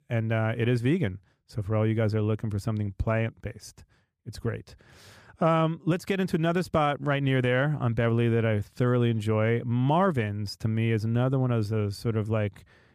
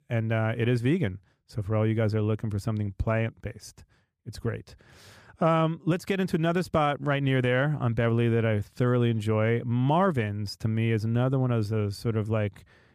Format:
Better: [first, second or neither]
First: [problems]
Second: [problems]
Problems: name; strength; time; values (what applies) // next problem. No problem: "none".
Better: neither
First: none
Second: none